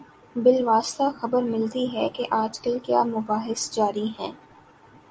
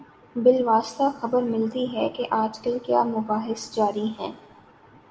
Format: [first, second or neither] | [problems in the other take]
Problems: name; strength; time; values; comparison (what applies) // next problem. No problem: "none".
first | room echo; dies away in 1.2 s